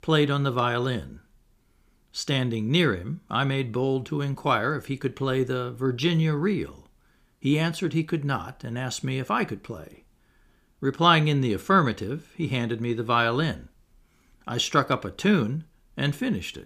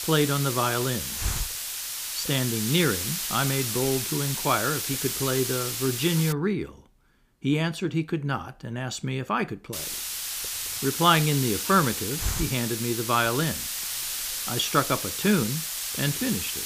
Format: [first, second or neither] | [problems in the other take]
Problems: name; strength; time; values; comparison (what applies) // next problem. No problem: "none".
first | hiss; loud; until 6.5 s and from 9.5 s on; 2 dB below the speech